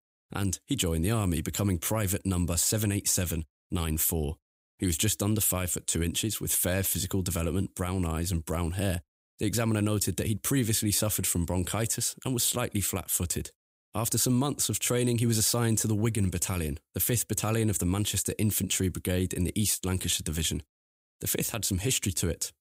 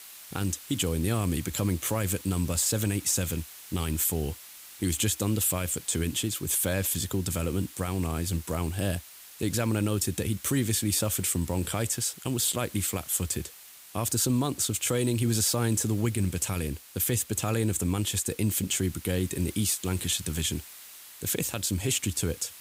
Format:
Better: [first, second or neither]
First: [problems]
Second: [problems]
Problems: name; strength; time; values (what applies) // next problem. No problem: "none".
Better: first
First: none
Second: hiss; noticeable; throughout; 15 dB below the speech